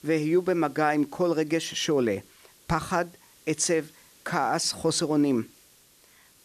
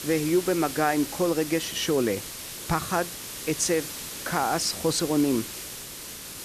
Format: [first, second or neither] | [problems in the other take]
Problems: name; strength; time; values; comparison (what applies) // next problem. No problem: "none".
first | hiss; loud; throughout; 8 dB below the speech; faint in the first